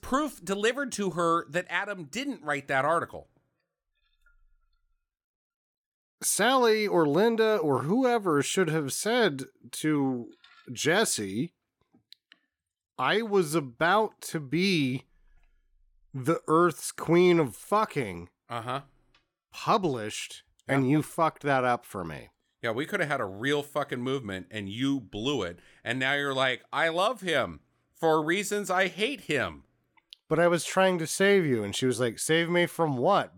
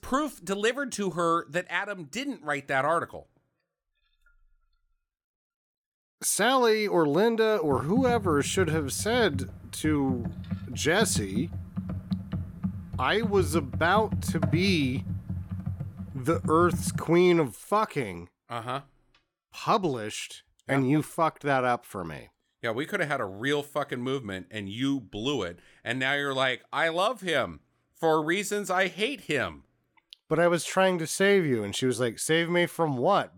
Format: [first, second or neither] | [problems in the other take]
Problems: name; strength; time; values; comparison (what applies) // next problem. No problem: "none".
first | keyboard typing; noticeable; from 7.5 to 17 s; peak 2 dB below the speech